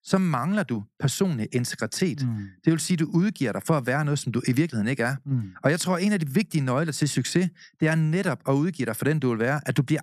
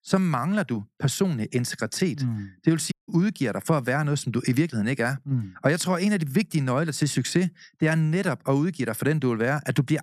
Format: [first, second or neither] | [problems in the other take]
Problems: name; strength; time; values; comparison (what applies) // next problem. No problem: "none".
first | audio cutting out; at 3 s